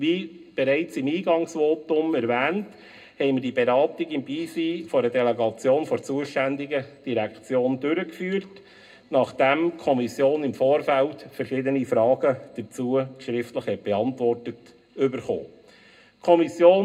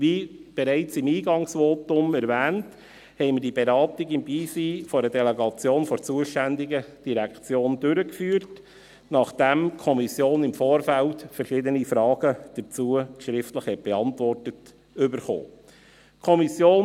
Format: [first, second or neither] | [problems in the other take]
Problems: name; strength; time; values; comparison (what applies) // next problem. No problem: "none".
second | room echo; dies away in 0.2 s